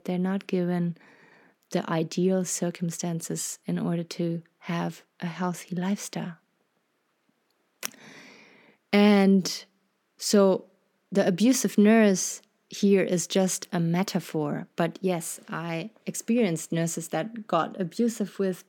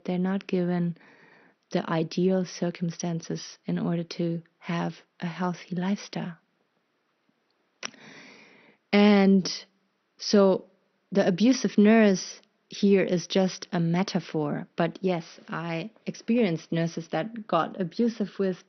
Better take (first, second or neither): first